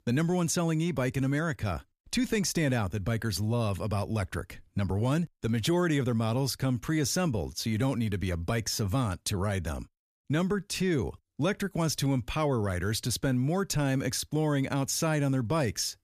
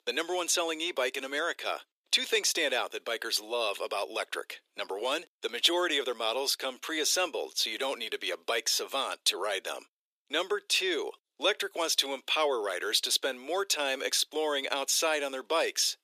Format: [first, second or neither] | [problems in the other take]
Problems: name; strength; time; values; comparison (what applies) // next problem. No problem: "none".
first | thin; very; fading below 400 Hz